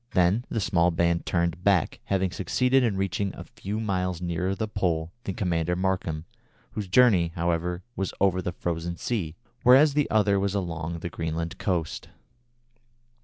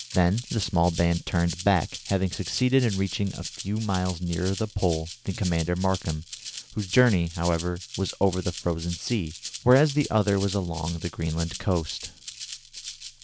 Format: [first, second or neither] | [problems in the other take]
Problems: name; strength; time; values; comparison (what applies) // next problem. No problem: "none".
first | background sound (Rattle (instrument)); 14 dB below the speech